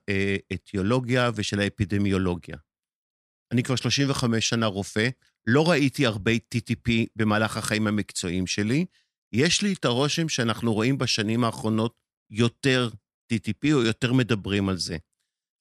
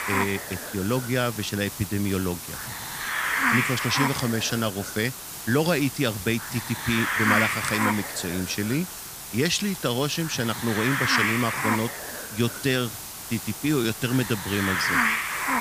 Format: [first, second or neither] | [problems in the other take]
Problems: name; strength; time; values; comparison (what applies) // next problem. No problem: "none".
first | hiss; loud; throughout; 1 dB below the speech